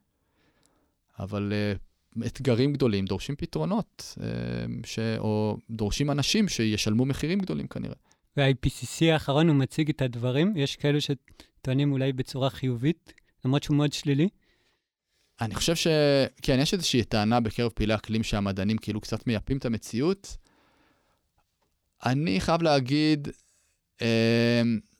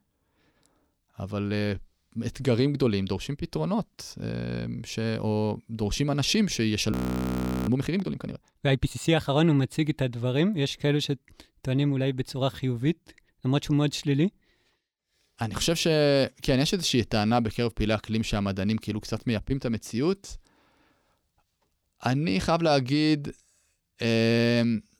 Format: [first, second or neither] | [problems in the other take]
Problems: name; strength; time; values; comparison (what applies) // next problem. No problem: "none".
first | audio freezing; at 7 s for 1 s